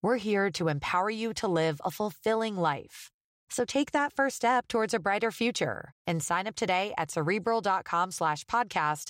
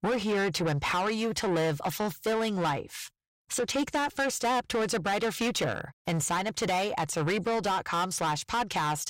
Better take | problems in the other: first | distortion; heavy; 7 dB below the speech

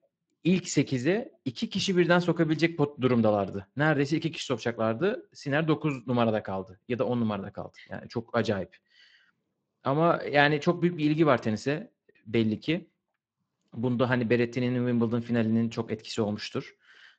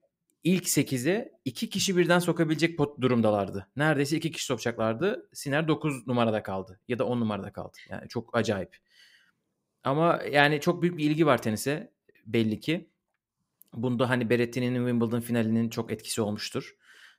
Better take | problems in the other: second | garbled, watery; slightly; nothing above 7.5 kHz

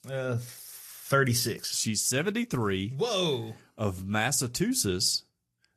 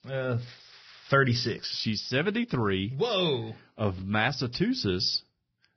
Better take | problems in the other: first | garbled, watery; badly; nothing above 5.5 kHz; slightly in the first

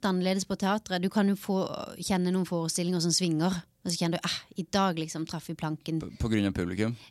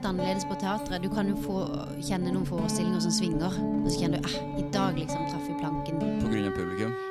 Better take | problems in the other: first | background music; very loud; throughout; as loud as the speech

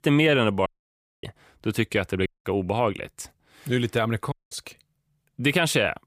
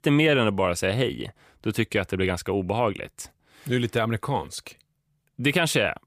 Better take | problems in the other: second | audio cutting out; at 0.5 s for 0.5 s, at 2.5 s and at 4.5 s

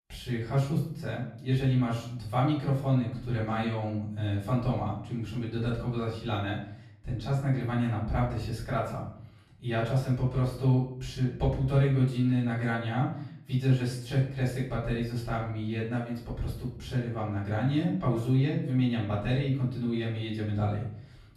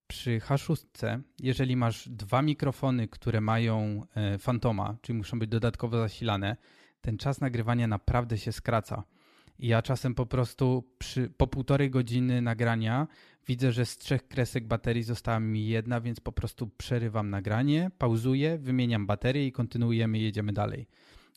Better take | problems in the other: second | room echo; noticeable; dies away in 0.6 s // off-mic speech; far

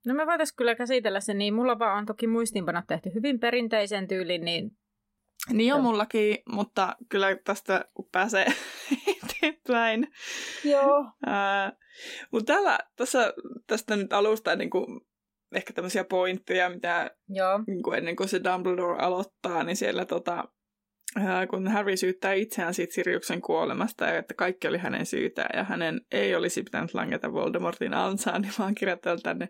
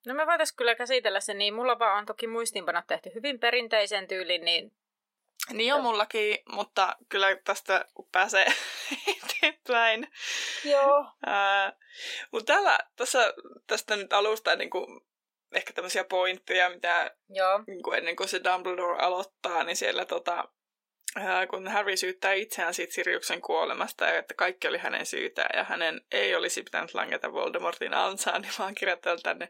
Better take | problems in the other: first | thin; very; fading below 600 Hz

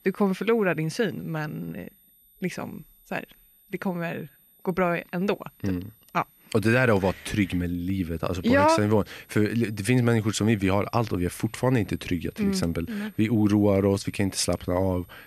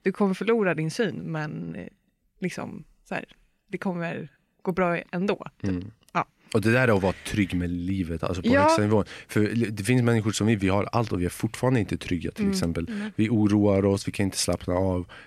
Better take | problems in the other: second | high-pitched whine; faint; throughout; 12 kHz, 30 dB below the speech

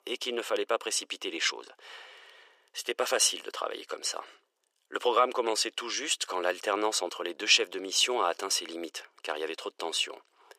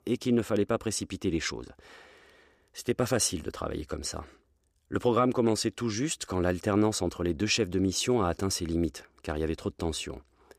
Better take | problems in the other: second | thin; very; fading below 450 Hz

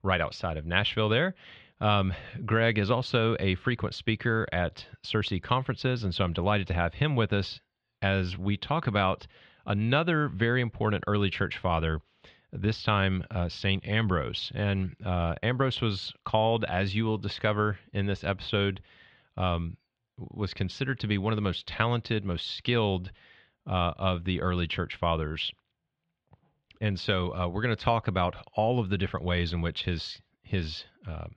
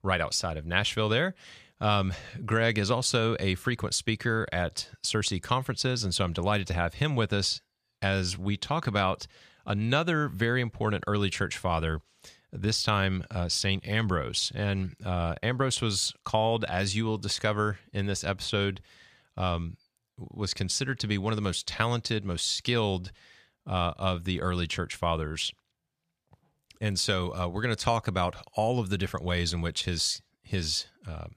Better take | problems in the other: second | muffled; slightly; fading above 3.5 kHz

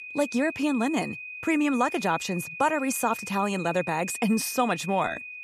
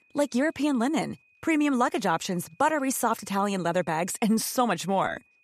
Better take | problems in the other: second | high-pitched whine; loud; throughout; 2.5 kHz, 10 dB below the speech; faint in the second

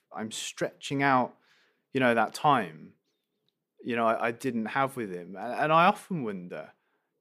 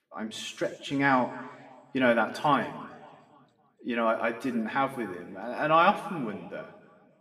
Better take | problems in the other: first | room echo; slight; dies away in 1.3 s // off-mic speech; somewhat distant

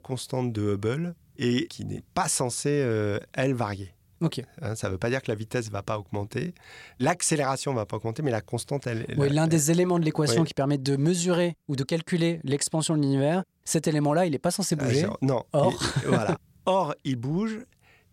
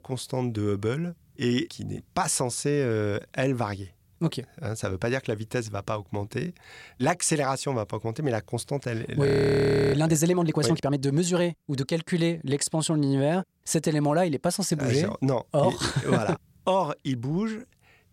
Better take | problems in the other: first | audio freezing; at 9.5 s for 0.5 s

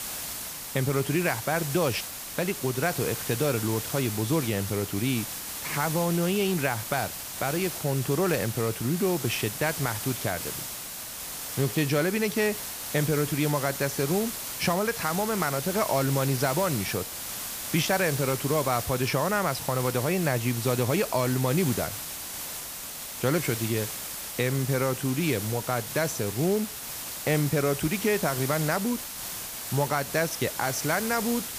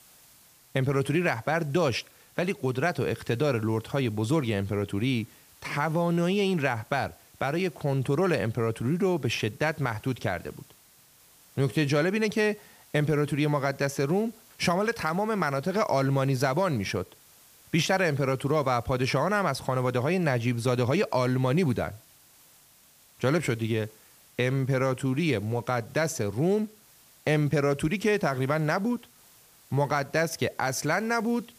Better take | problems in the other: second | hiss; loud; throughout; 5 dB below the speech; faint in the second

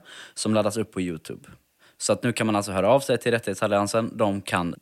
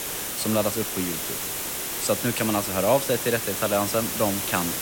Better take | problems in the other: first | hiss; loud; throughout; 2 dB below the speech

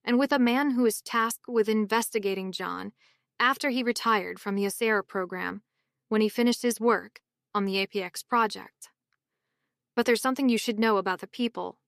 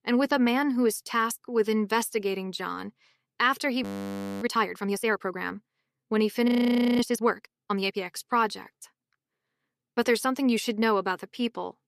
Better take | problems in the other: first | audio freezing; at 4 s for 0.5 s and at 6.5 s for 0.5 s

